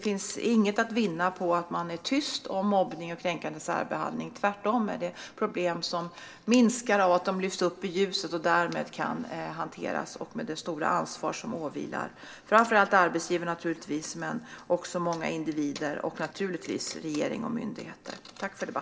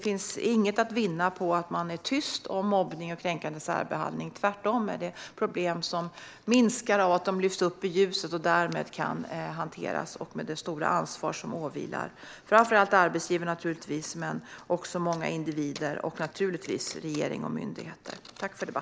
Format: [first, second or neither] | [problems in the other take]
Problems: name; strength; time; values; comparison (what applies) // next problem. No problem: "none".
second | room echo; dies away in 0.2 s